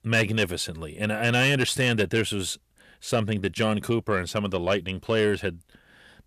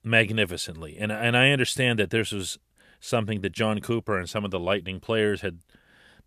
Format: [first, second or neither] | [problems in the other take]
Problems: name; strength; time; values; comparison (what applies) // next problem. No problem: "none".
second | distortion; slight; 10 dB below the speech